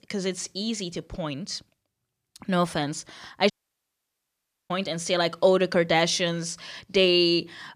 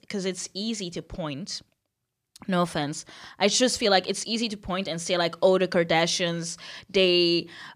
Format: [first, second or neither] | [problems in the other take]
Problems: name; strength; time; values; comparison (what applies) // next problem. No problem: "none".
second | audio cutting out; at 3.5 s for 1 s